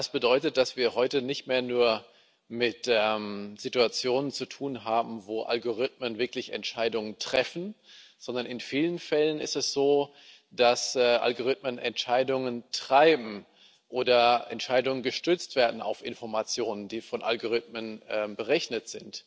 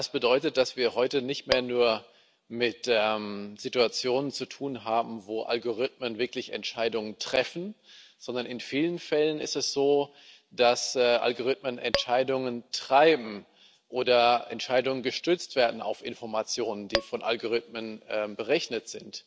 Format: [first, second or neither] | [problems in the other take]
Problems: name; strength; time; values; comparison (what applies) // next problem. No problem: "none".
first | background sound (Tap / Glass); 3 dB below the speech